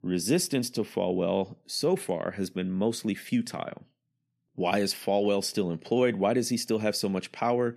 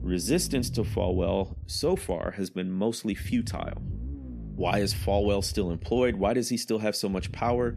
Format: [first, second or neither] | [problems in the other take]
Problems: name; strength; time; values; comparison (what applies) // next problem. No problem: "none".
first | low rumble; noticeable; throughout; 20 dB below the speech